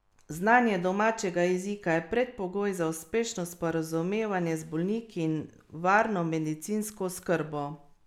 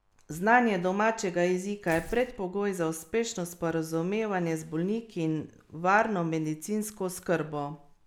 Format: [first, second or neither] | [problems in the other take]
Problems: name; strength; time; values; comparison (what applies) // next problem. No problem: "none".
first | background sound (Tearing); 16 dB below the speech